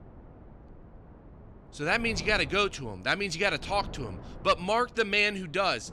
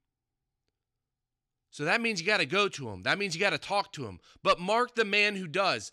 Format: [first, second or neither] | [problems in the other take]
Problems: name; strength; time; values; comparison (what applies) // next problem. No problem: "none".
second | wind noise on the microphone; occasional gusts; 25 dB below the speech